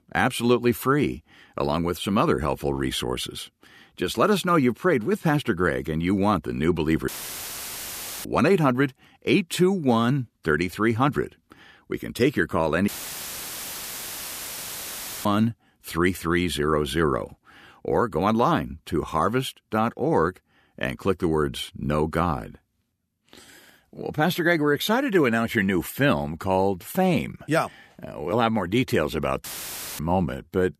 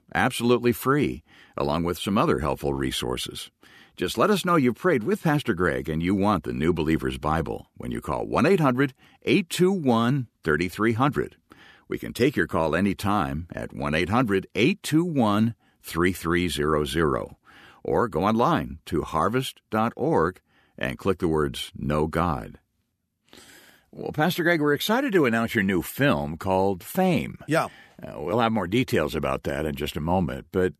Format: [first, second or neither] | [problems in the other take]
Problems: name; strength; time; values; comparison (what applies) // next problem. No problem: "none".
second | audio cutting out; filled with static; at 7 s for 1 s, at 13 s for 2.5 s and at 29 s for 0.5 s